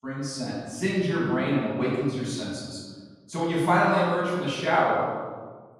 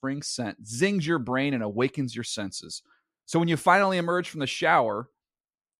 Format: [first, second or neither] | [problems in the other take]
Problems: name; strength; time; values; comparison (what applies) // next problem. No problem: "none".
second | room echo; noticeable; dies away in 1.4 s // off-mic speech; far